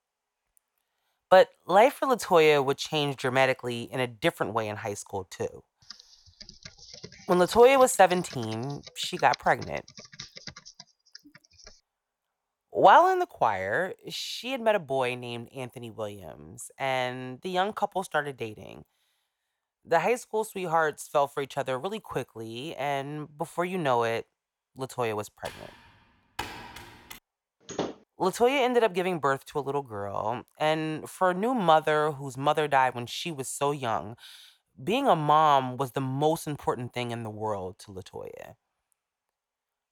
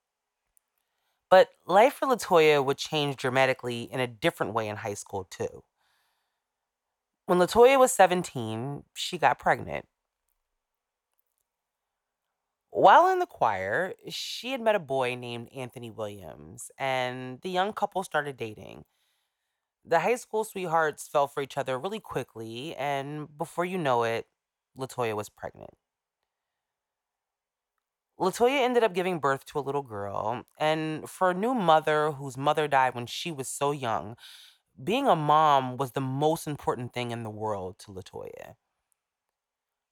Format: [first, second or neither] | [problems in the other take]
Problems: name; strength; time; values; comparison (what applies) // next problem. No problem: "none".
second | keyboard typing; faint; from 6 to 12 s and from 25 to 27 s; peak 10 dB below the speech // door banging; noticeable; at 28 s; peak 9 dB below the speech